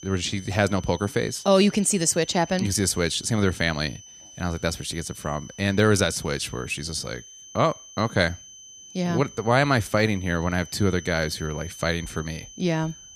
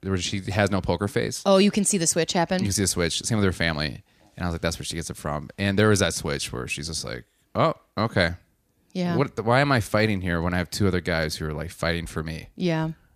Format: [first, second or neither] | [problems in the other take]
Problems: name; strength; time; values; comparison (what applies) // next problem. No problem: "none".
second | high-pitched whine; noticeable; throughout; 6 kHz, 20 dB below the speech